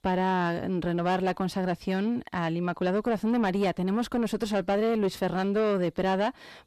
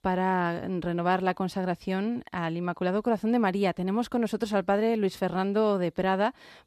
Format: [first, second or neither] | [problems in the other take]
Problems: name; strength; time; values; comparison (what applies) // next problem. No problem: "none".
second | distortion; slight; 10 dB below the speech